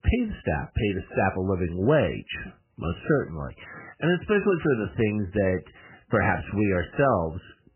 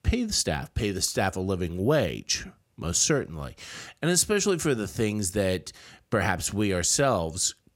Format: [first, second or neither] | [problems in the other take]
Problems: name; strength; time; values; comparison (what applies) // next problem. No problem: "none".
second | garbled, watery; badly; nothing above 3 kHz